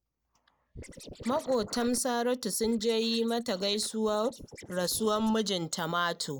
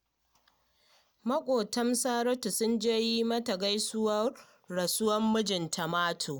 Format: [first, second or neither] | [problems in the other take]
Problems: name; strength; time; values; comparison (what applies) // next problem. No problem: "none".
second | noise reduction (neural mask model Resemble Enhance denoiser)